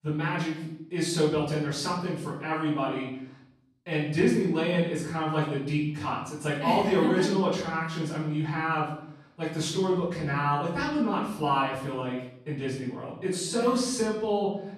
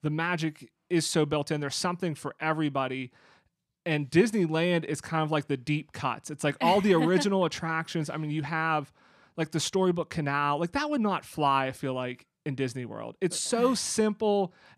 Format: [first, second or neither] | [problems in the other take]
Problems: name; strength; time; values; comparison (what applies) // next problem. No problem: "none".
second | room echo; noticeable; dies away in 0.7 s // off-mic speech; far